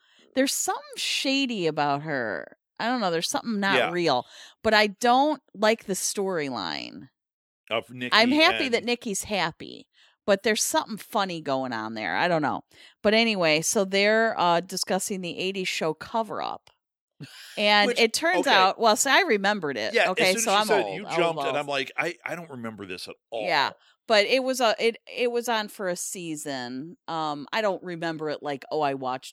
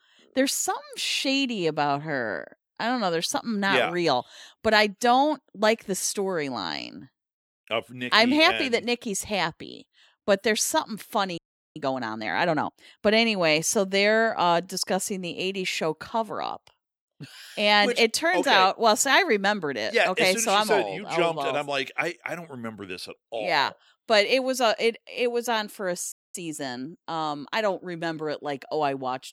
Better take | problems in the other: first | audio freezing; at 11 s and at 26 s

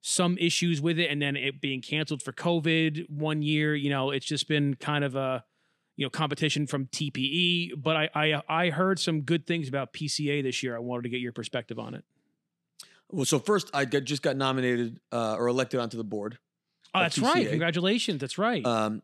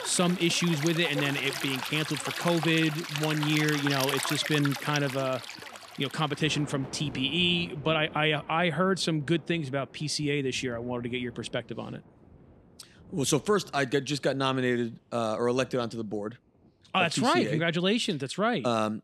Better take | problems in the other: first | rain or running water; loud; throughout; 7 dB below the speech

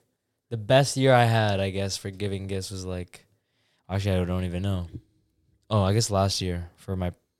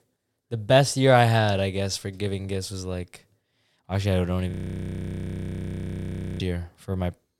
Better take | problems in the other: first | audio freezing; at 4.5 s for 2 s

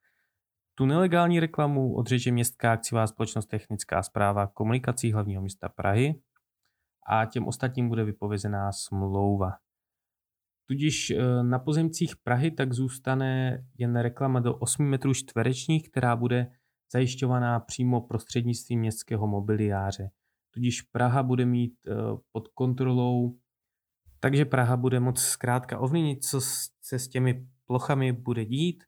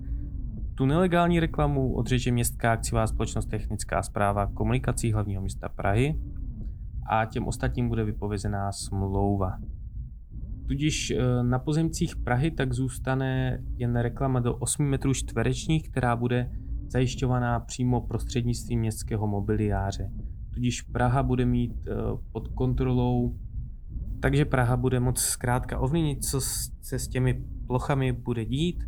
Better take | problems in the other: first | low rumble; faint; throughout; 25 dB below the speech

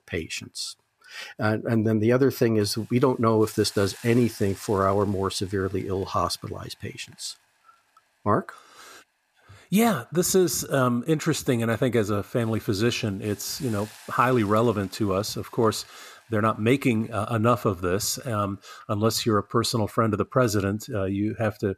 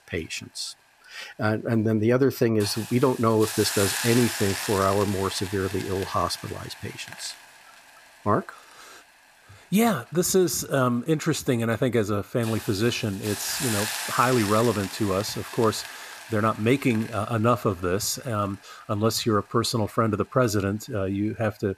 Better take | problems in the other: first | hiss; loud; throughout; 8 dB below the speech; faint in the first

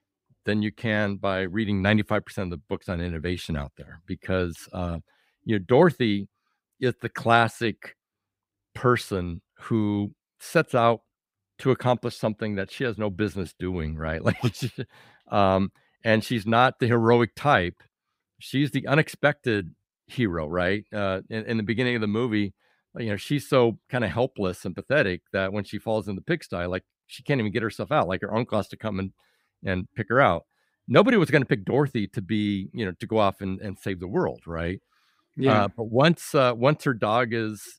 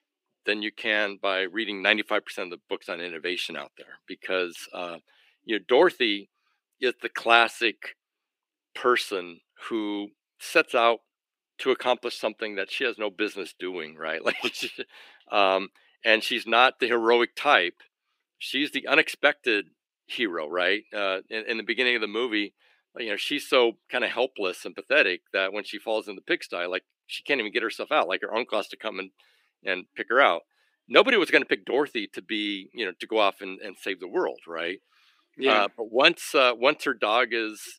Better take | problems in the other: first | thin; somewhat; fading below 350 Hz

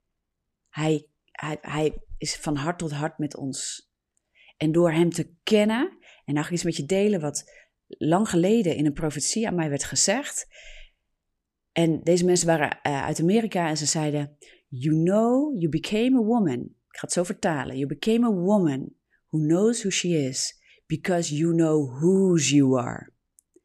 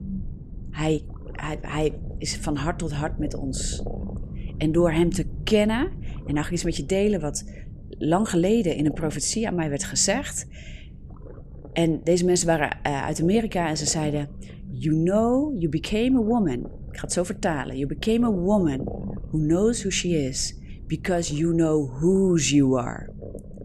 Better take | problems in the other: first | low rumble; noticeable; throughout; 20 dB below the speech

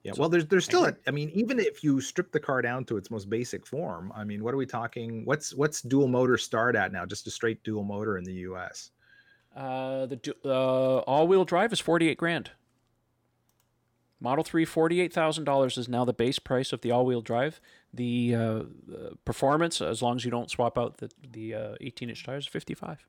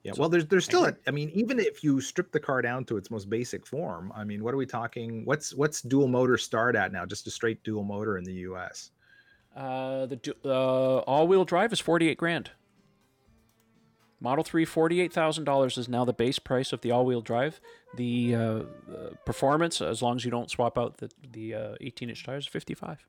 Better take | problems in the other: first | background music; faint; throughout; 30 dB below the speech

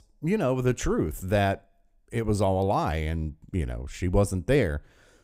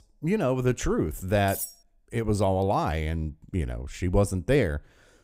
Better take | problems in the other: first | clattering dishes; noticeable; at 1.5 s; peak 7 dB below the speech

